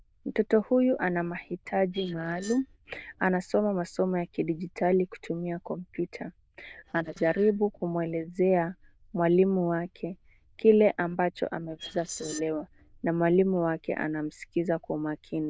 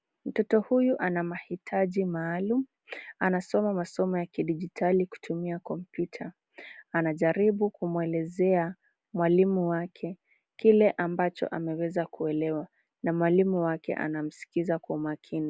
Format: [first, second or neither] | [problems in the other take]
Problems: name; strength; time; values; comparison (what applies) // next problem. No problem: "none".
second | noise reduction (neural diffusion model UNIVERSE++)